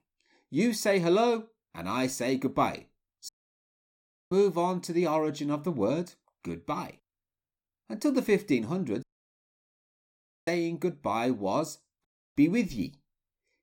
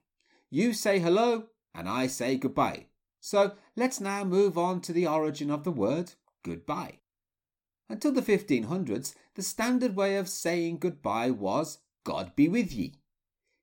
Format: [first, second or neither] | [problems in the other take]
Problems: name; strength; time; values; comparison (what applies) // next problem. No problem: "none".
second | audio cutting out; at 3.5 s for 1 s, at 9 s for 1.5 s and at 12 s